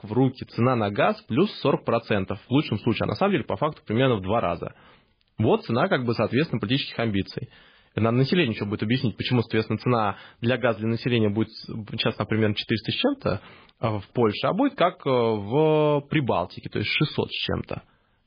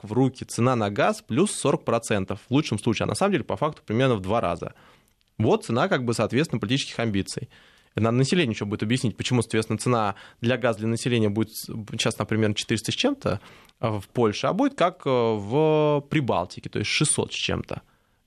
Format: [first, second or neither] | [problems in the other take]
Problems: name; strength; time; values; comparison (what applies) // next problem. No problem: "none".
second | garbled, watery; badly; nothing above 5 kHz